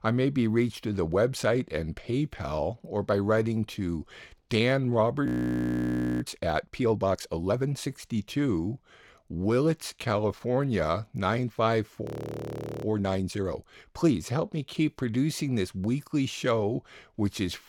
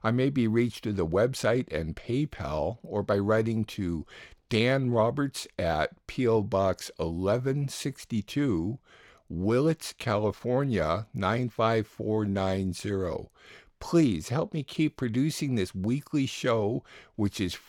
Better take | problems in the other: second | audio freezing; at 5.5 s for 1 s and at 12 s for 1 s

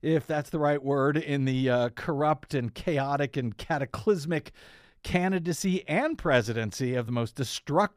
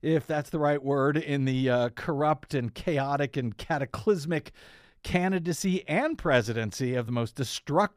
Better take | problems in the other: neither | none

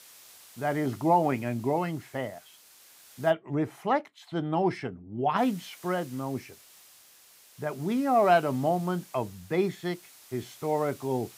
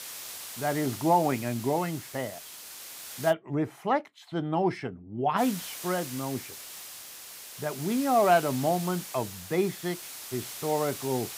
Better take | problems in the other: first | hiss; loud; until 3.5 s and from 5.5 s on; 10 dB below the speech; faint in the first

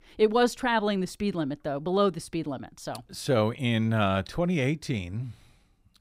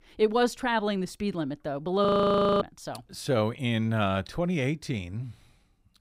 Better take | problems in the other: first | audio freezing; at 2 s for 0.5 s

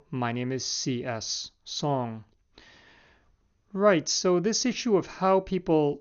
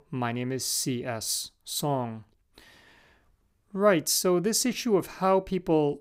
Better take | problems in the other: second | garbled, watery; slightly; nothing above 6.5 kHz

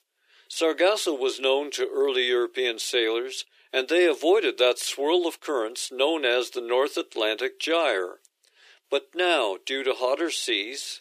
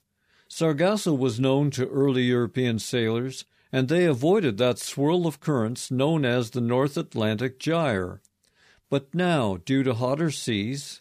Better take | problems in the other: second | thin; very; fading below 350 Hz

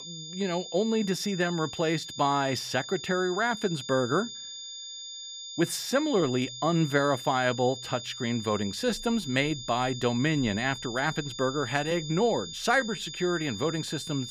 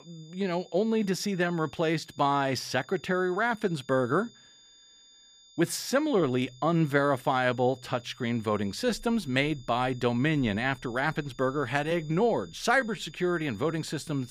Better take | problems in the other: second | high-pitched whine; loud; throughout; 3.5 kHz, 10 dB below the speech; faint in the second

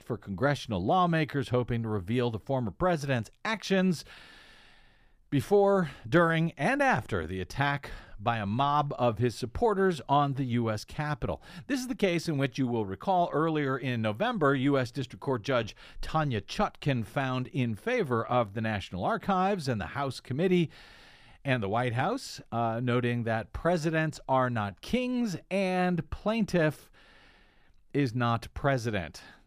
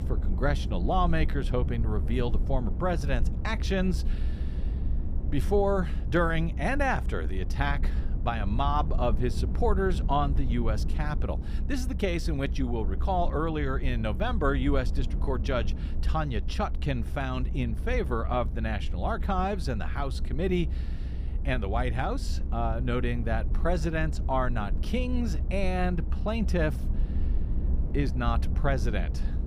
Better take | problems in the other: first | low rumble; noticeable; throughout; 15 dB below the speech

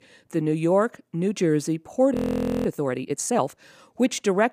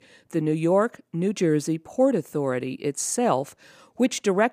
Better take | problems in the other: second | audio freezing; at 2 s for 0.5 s

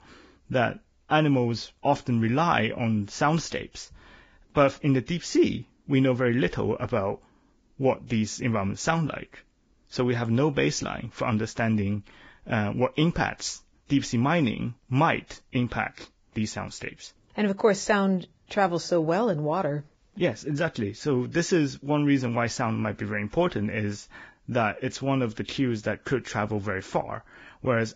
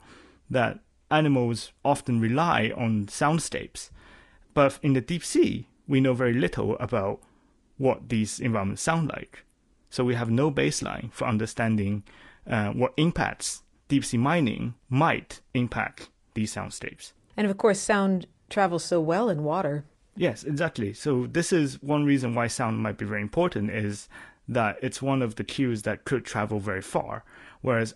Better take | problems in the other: second | garbled, watery; badly; nothing above 7.5 kHz; slightly in the second

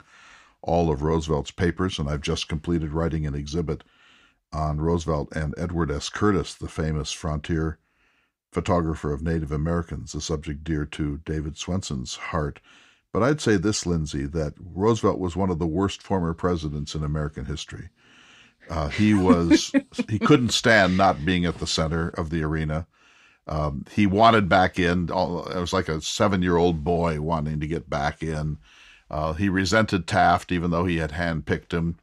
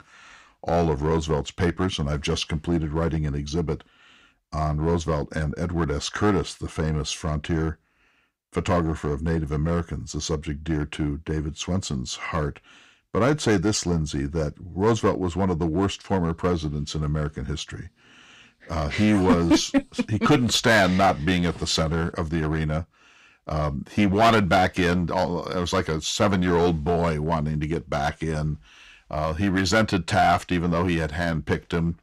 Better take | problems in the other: first | distortion; slight; 4% of the sound clipped

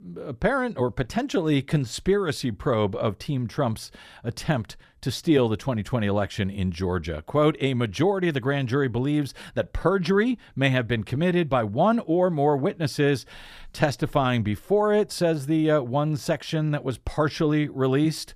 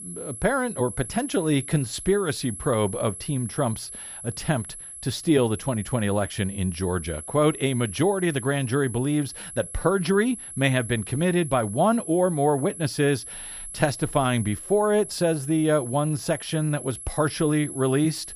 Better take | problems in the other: first | high-pitched whine; noticeable; throughout; 11 kHz, 10 dB below the speech

